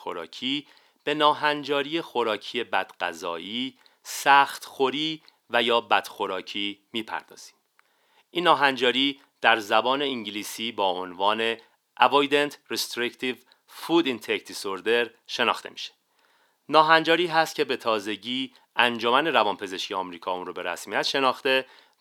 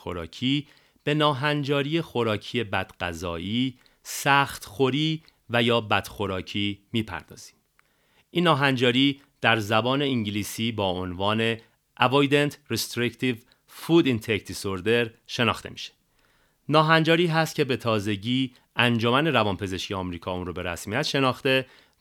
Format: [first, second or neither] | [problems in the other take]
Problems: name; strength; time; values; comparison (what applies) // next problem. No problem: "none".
second | thin; somewhat; fading below 350 Hz